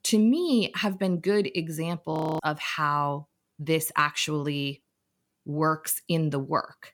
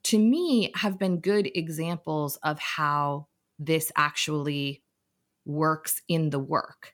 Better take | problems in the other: second | audio freezing; at 2 s

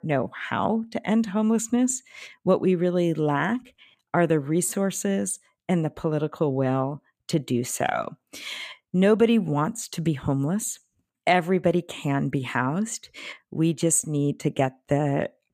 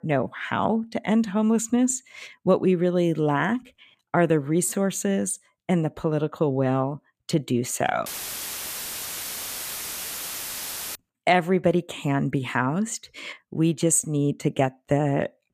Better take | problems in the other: first | audio cutting out; filled with static; at 8 s for 3 s

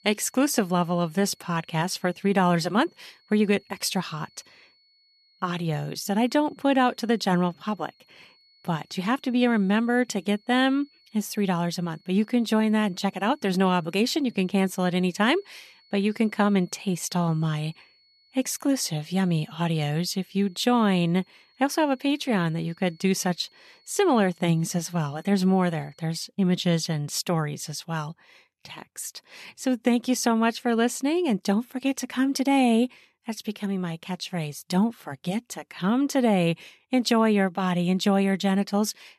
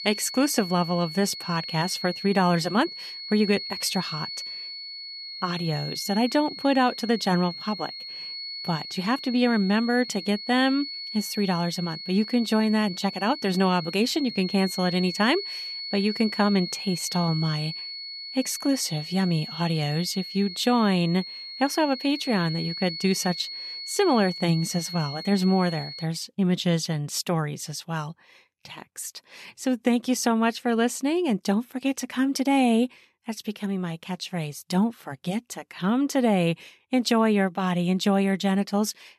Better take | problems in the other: first | high-pitched whine; loud; until 26 s; 4.5 kHz, 9 dB below the speech; faint in the first

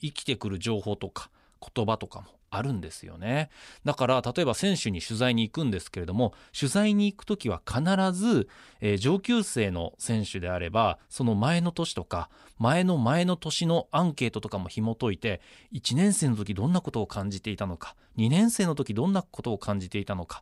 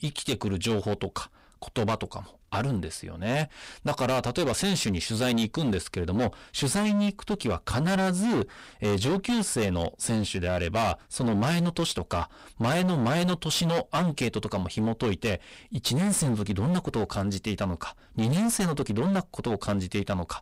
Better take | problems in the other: first | distortion; heavy; 21% of the sound clipped

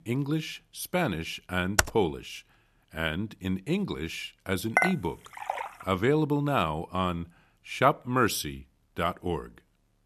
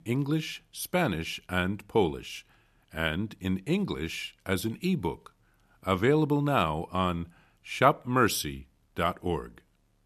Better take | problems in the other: second | keyboard typing; very faint; at 2 s; peak 3 dB above the speech // clattering dishes; loud; at 5 s; peak 4 dB above the speech

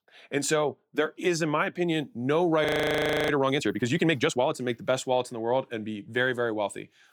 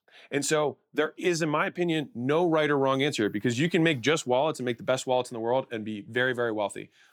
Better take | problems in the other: second | audio freezing; at 2.5 s for 0.5 s

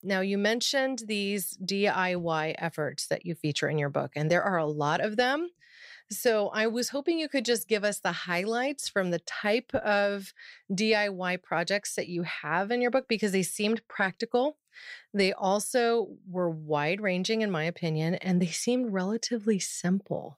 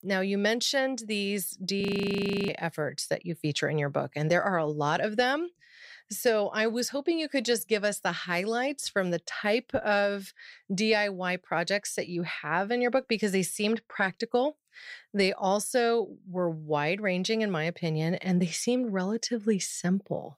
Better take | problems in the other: first | audio freezing; at 2 s for 0.5 s

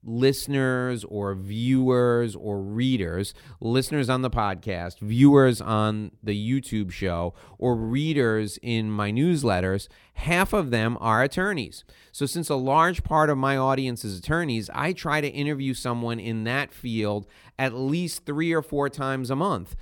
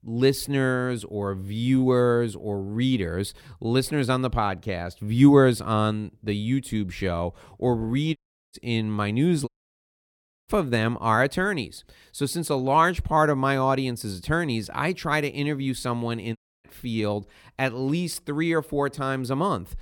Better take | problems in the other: first | audio cutting out; at 8 s, at 9.5 s for 1 s and at 16 s

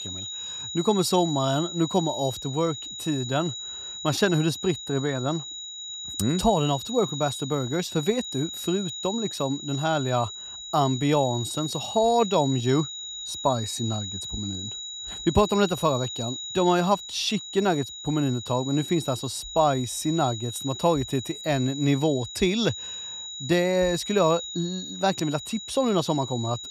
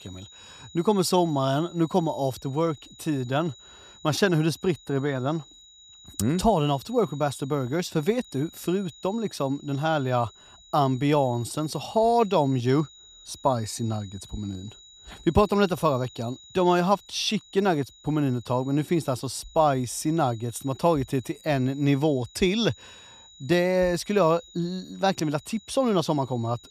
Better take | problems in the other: second | high-pitched whine; loud; throughout; 4 kHz, 8 dB below the speech; faint in the second

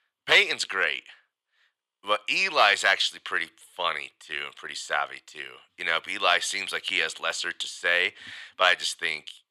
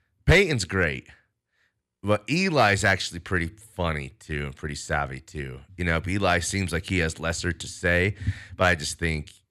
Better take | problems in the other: second | thin; very; fading below 650 Hz

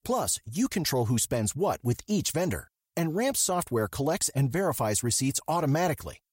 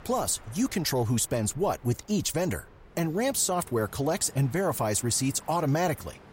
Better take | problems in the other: first | train or aircraft noise; faint; throughout; 25 dB below the speech

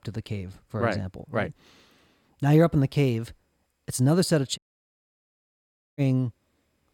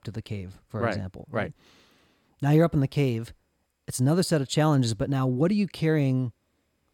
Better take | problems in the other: second | audio cutting out; at 4.5 s for 1.5 s

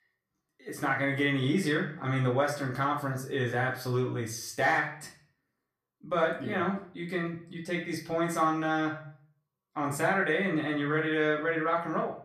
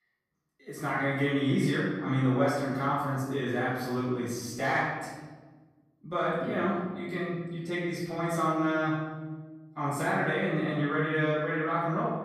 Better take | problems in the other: first | room echo; strong; dies away in 1.3 s; slight in the first // off-mic speech; far; far in the first

